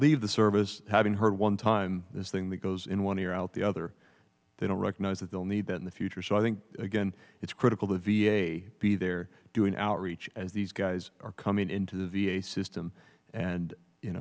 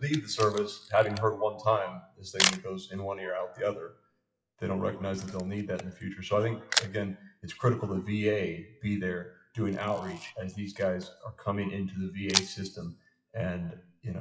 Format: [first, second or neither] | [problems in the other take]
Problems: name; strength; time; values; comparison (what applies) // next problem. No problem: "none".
first | noise reduction (classical method WPE with log-MMSE)